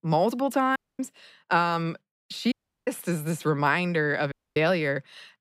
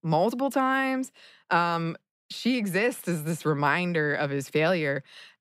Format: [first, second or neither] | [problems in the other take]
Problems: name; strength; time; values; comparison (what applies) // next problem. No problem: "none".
second | audio cutting out; at 1 s, at 2.5 s and at 4.5 s